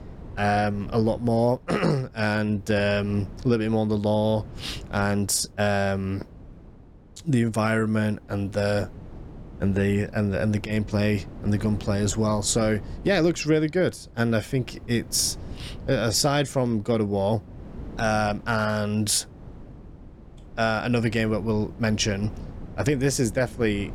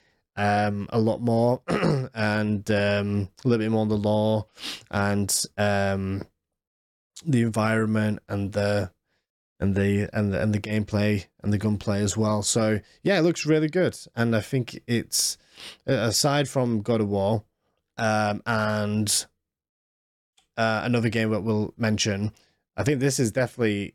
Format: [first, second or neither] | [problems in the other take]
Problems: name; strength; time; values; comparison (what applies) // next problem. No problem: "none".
second | wind noise on the microphone; occasional gusts; 25 dB below the speech